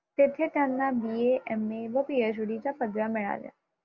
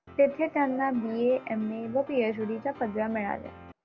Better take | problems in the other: first | background sound (Piano); 19 dB below the speech

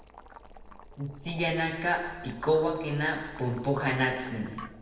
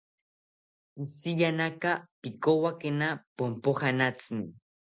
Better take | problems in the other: second | background sound (Boiling); 17 dB below the speech // room echo; dies away in 1.3 s

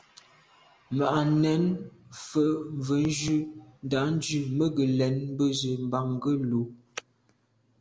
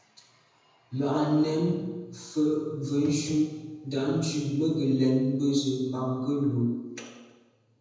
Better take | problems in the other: first | room echo; dies away in 1 s

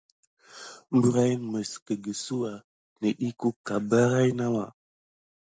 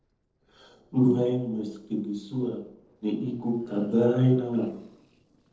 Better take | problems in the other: first | noise reduction (neural separator model SepFormer DNS4)

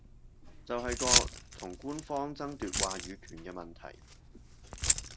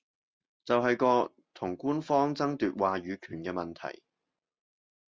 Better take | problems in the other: second | background sound (Keys jangling); 5 dB above the speech

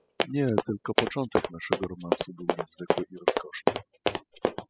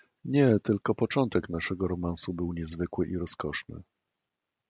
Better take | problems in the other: second | noise reduction (classical method spectral subtraction)

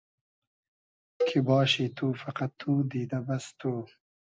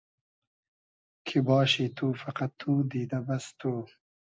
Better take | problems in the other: second | background sound (Cowbell); 7 dB below the speech

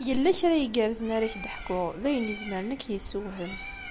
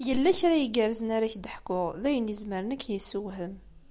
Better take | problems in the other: second | background sound (Bird); 14 dB below the speech

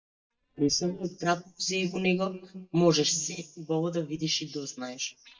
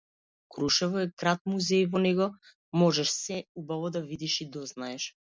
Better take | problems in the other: second | noise reduction (neural mask model DeepFilterNet 3)

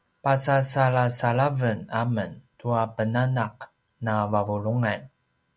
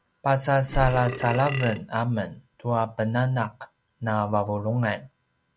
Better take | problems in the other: first | background sound (Burping, eructation); 5 dB below the speech

